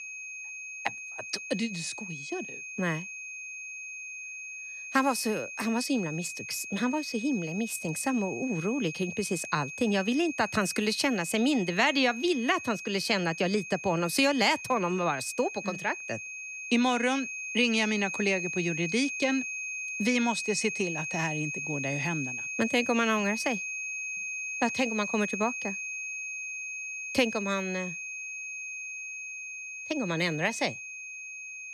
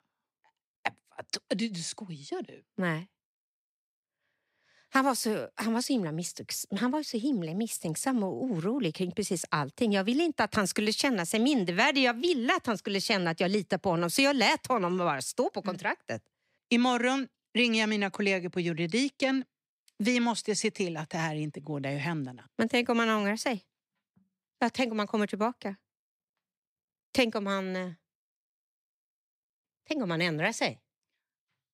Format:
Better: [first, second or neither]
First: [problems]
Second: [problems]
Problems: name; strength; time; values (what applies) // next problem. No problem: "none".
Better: second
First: high-pitched whine; loud; throughout; 2.5 kHz, 6 dB below the speech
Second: none